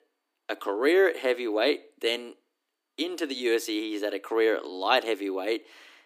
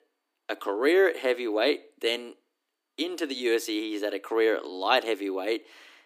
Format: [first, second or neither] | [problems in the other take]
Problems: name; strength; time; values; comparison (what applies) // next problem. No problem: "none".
neither | thin; somewhat; fading below 300 Hz; the same in both